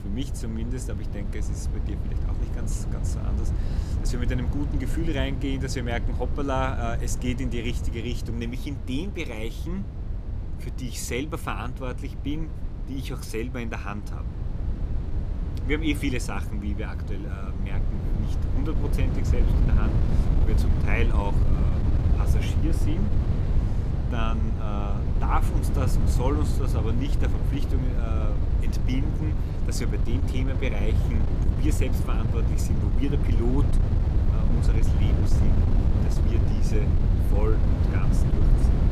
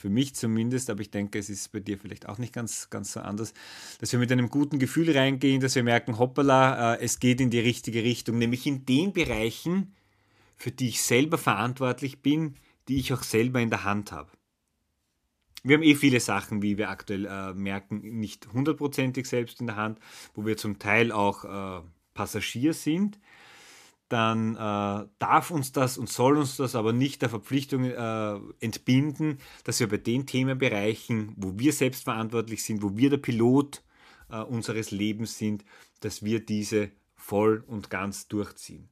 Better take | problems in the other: second | wind noise on the microphone; heavy; 4 dB below the speech

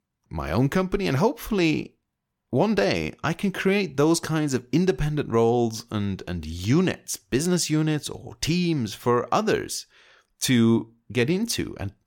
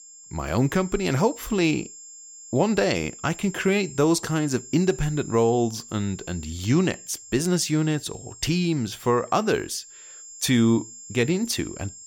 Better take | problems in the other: first | high-pitched whine; noticeable; throughout; 7.5 kHz, 15 dB below the speech

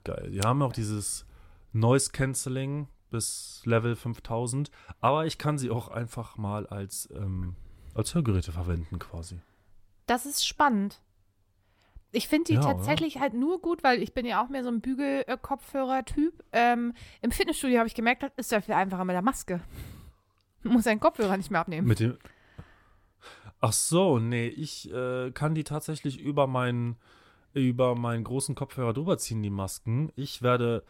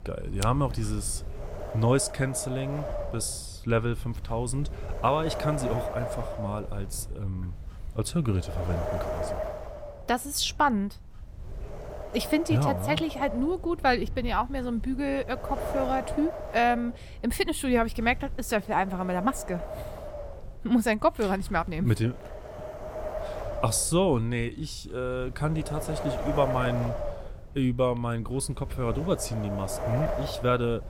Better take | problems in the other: first | wind noise on the microphone; heavy; 6 dB below the speech

